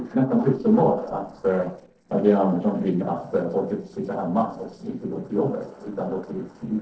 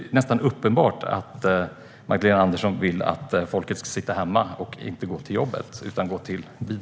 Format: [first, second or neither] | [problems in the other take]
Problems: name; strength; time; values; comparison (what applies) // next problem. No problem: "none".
second | noise reduction (neural separator model SepFormer DNS4)